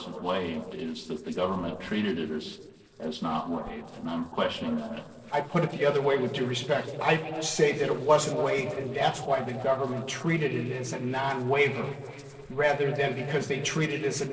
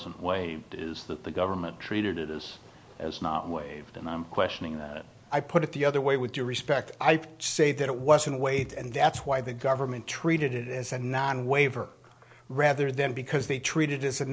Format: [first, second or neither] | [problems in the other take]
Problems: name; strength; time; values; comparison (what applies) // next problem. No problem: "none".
second | noise reduction (neural separator model SepFormer DNS4)